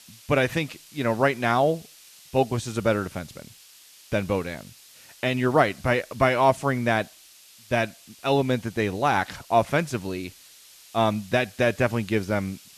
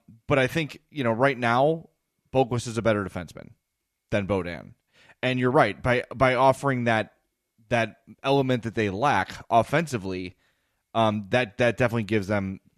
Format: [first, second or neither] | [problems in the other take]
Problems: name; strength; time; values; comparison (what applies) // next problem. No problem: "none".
second | hiss; faint; throughout; 25 dB below the speech